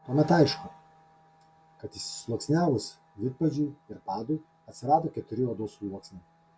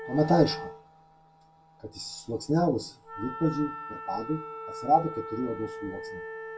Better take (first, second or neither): first